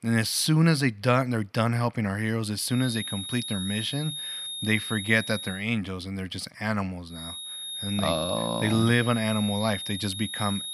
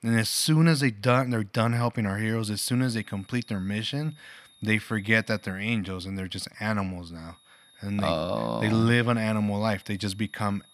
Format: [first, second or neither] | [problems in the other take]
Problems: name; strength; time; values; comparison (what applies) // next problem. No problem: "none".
second | high-pitched whine; loud; from 2.5 to 5.5 s and from 7 s on; 3.5 kHz, 7 dB below the speech; faint in the second